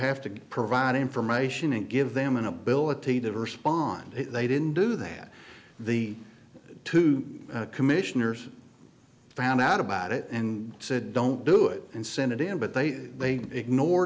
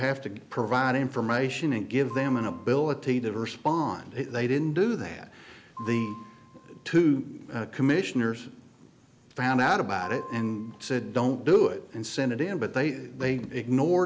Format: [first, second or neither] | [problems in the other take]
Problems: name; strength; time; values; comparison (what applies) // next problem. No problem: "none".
first | background sound (Piano); 19 dB below the speech